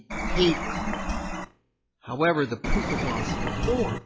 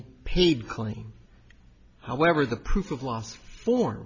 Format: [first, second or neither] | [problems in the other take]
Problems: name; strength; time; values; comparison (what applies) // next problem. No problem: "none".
second | noise reduction (classical method log-MMSE)